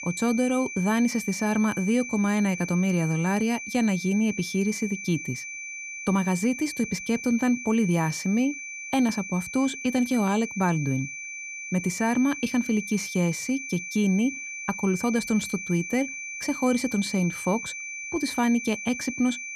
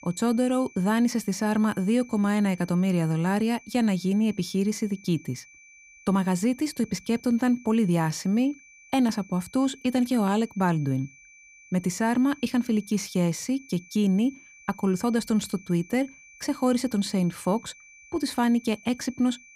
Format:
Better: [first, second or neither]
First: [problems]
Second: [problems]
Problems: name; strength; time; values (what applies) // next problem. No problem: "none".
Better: second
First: high-pitched whine; loud; throughout; 2.5 kHz, 8 dB below the speech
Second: high-pitched whine; faint; throughout; 2.5 kHz, 25 dB below the speech